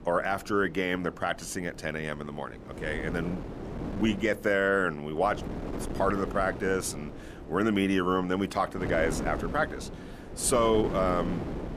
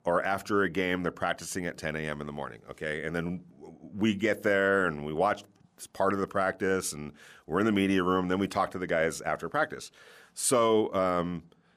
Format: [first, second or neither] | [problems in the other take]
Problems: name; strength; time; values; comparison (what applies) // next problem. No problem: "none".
second | wind noise on the microphone; occasional gusts; 15 dB below the speech